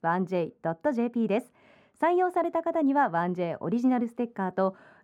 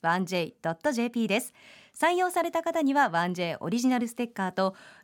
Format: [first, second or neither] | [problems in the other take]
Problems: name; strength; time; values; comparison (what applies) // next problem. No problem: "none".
second | muffled; very; fading above 2.5 kHz